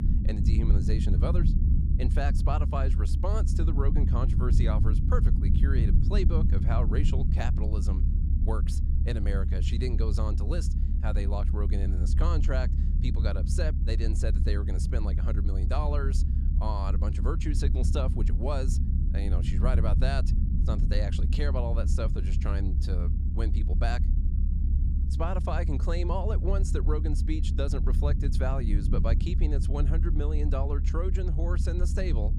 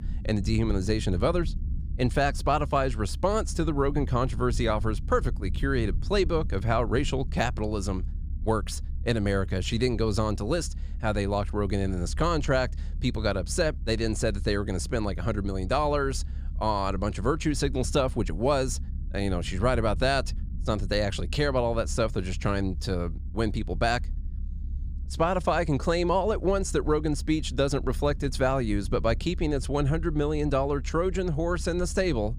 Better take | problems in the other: second | low rumble; loud; throughout; 6 dB below the speech; faint in the second

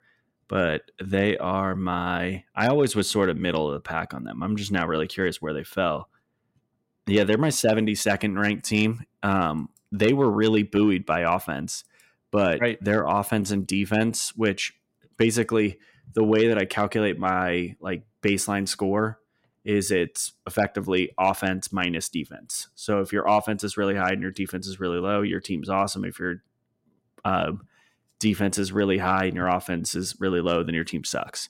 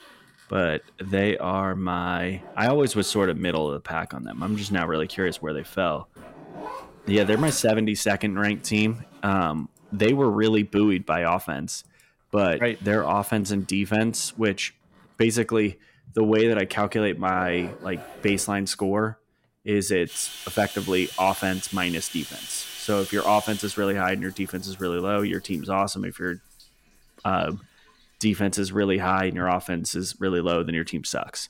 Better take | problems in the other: first | household noises; noticeable; throughout; 15 dB below the speech

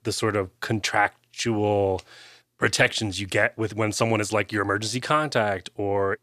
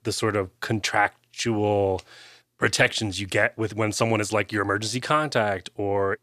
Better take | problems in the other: neither | none

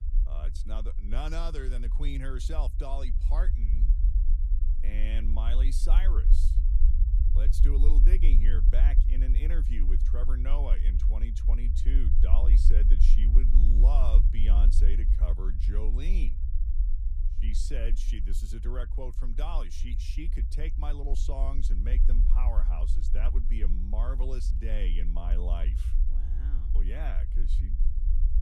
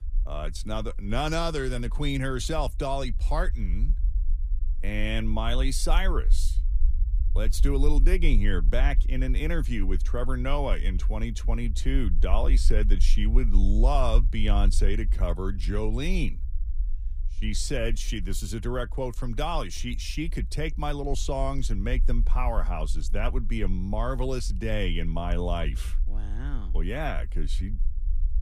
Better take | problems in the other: second | low rumble; loud; throughout; 7 dB below the speech; faint in the second

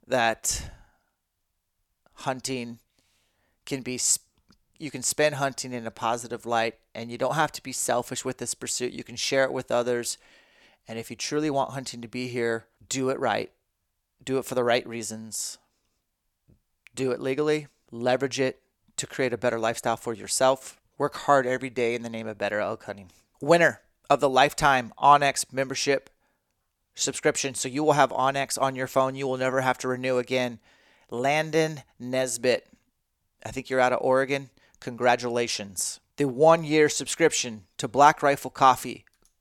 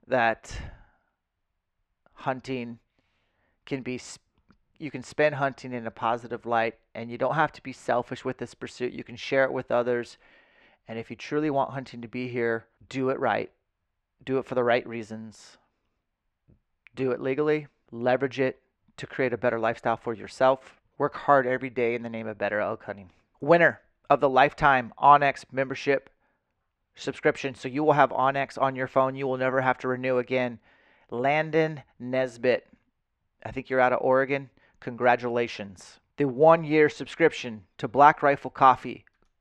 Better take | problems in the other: first | muffled; very; fading above 2 kHz

